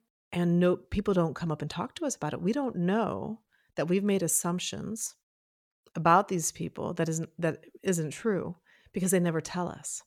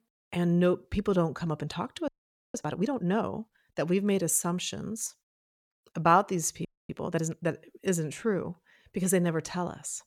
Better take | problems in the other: first | audio freezing; at 2 s and at 6.5 s

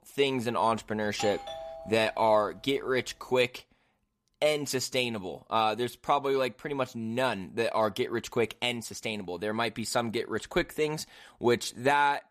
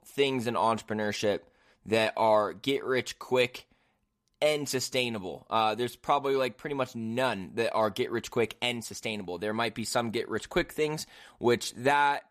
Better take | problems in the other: second | doorbell; noticeable; from 1 to 2.5 s; peak 8 dB below the speech

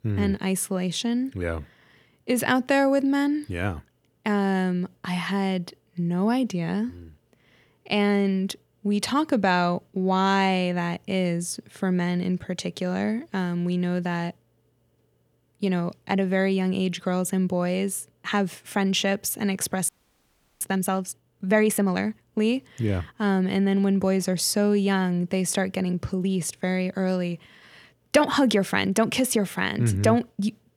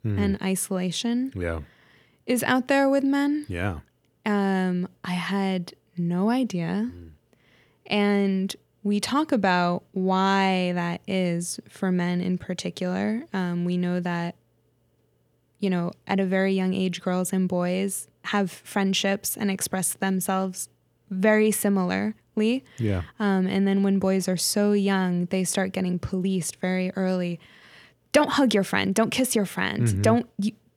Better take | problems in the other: second | audio freezing; at 20 s for 0.5 s

